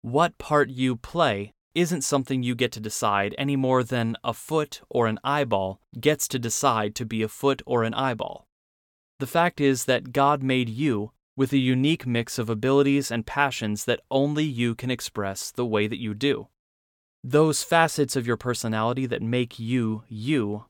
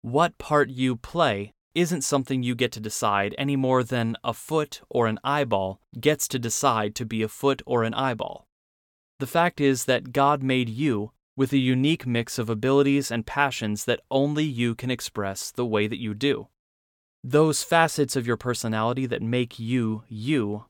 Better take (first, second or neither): neither